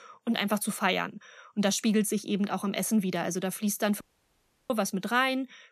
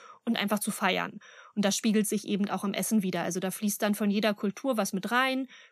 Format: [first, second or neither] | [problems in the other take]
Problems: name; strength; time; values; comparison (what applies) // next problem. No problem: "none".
second | audio cutting out; at 4 s for 0.5 s